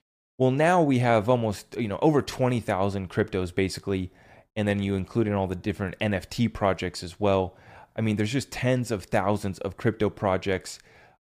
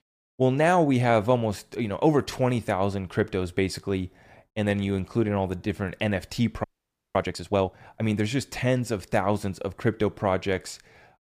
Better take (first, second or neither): first